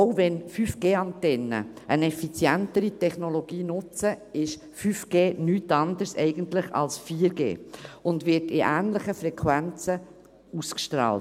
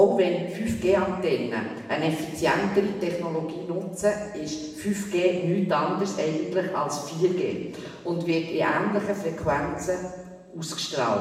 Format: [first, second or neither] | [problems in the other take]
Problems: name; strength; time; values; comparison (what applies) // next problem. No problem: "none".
first | room echo; dies away in 1.2 s